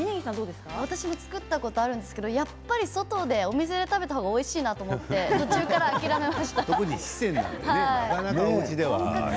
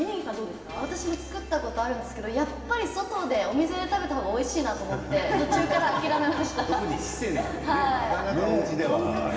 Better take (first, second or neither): first